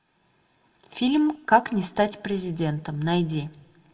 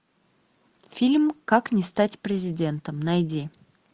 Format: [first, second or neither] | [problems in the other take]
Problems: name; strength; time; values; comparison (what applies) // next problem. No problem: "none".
second | room echo; dies away in 0.6 s